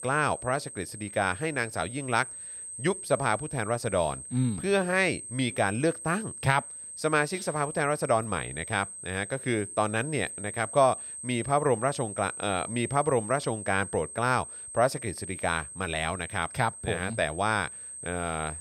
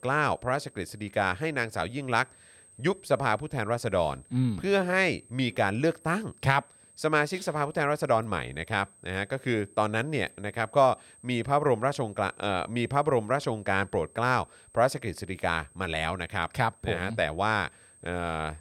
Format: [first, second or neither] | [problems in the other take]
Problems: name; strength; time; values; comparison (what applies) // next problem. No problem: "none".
second | high-pitched whine; loud; throughout; 8.5 kHz, 10 dB below the speech; faint in the second